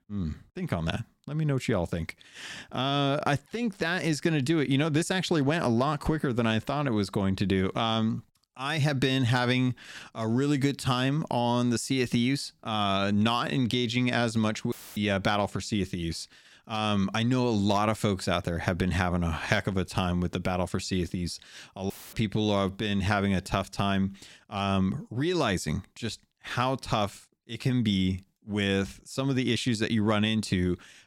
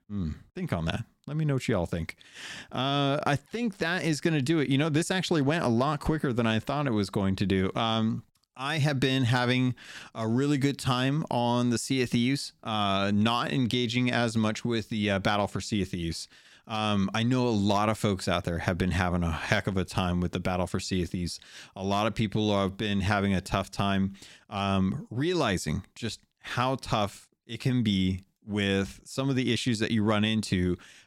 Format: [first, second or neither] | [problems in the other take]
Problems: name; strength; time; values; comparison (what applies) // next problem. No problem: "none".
second | audio cutting out; filled with static; at 15 s and at 22 s